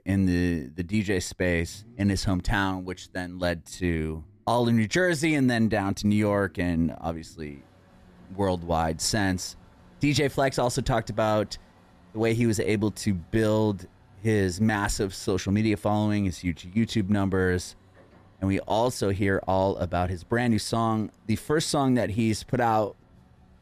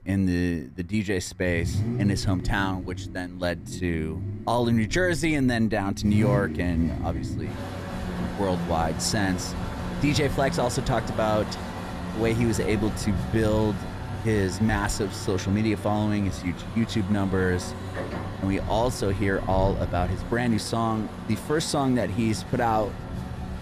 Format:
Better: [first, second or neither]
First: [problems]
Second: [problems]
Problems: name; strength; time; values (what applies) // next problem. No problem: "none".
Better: first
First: traffic noise; faint; throughout; 30 dB below the speech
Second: traffic noise; loud; throughout; 7 dB below the speech